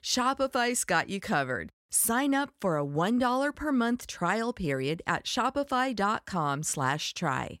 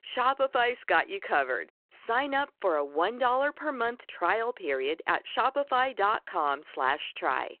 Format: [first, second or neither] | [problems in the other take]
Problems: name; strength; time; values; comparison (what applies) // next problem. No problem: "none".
first | phone-call audio